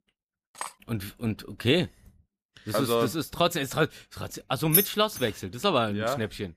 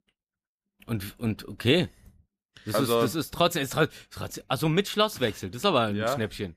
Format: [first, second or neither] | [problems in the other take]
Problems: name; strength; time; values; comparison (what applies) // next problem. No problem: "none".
second | clattering dishes; faint; at 0.5 s; peak 10 dB below the speech // jangling keys; loud; at 4.5 s; peak 5 dB above the speech